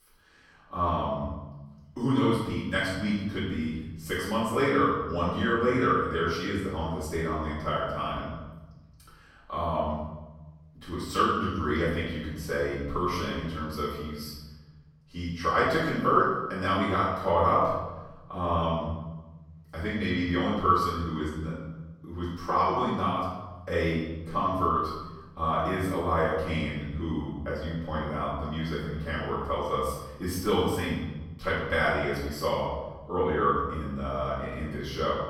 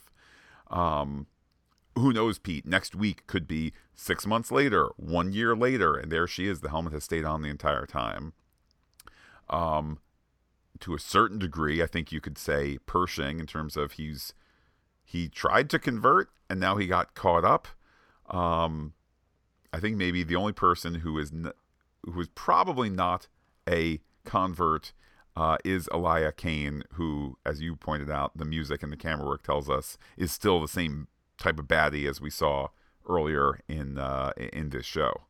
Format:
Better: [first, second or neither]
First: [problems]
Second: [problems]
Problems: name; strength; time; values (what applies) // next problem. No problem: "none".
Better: second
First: off-mic speech; far // room echo; noticeable; dies away in 1.1 s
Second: none